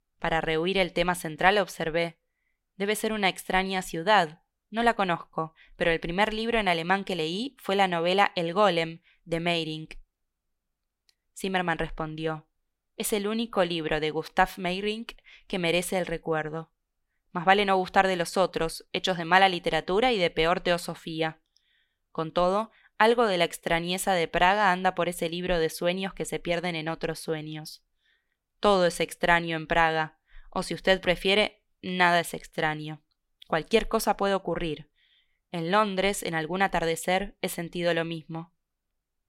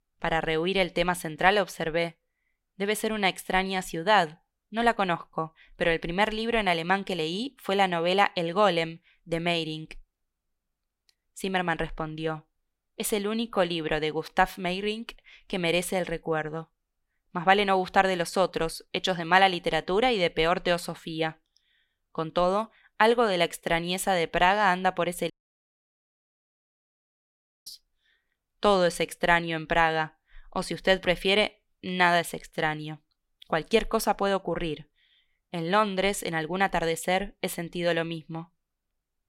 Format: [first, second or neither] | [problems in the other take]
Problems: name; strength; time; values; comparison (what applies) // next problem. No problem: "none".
first | audio cutting out; at 25 s for 2.5 s